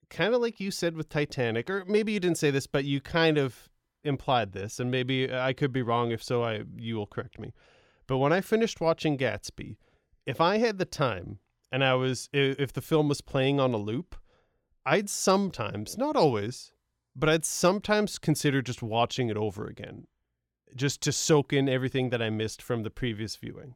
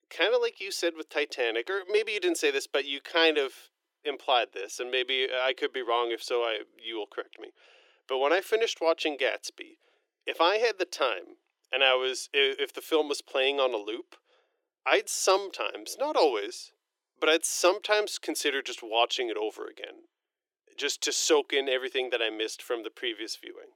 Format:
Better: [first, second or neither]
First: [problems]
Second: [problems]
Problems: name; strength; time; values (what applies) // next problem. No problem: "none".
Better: first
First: none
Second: thin; very; fading below 350 Hz